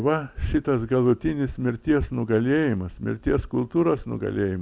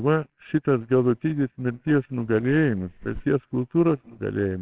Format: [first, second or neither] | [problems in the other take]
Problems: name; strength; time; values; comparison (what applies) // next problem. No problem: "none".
first | noise reduction (neural separator model SepFormer WHAMR!)